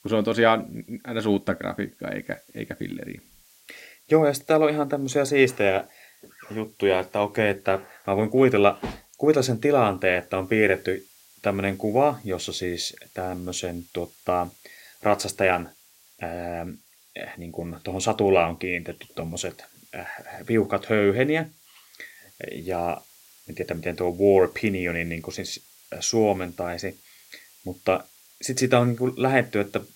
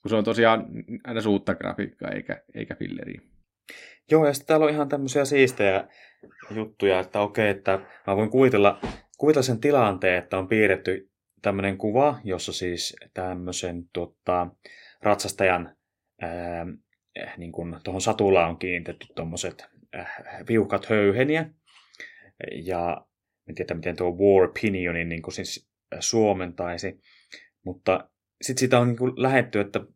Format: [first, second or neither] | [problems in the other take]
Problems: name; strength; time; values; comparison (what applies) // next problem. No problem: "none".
second | hiss; faint; throughout; 30 dB below the speech